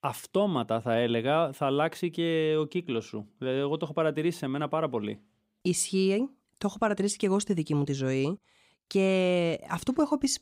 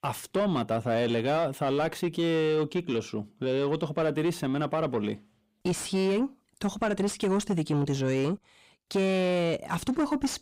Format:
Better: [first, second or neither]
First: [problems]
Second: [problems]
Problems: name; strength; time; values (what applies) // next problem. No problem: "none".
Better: first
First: none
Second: distortion; slight; 10 dB below the speech